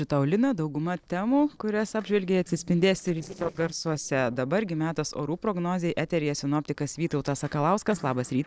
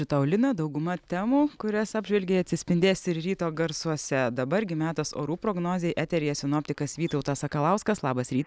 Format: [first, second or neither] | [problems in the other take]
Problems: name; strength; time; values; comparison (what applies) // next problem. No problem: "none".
second | noise reduction (neural separator model SepFormer DNS4)